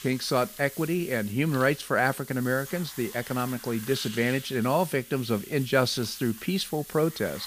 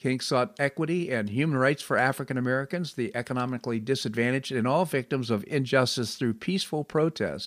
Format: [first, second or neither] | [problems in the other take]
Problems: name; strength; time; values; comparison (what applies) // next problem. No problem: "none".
second | hiss; noticeable; throughout; 15 dB below the speech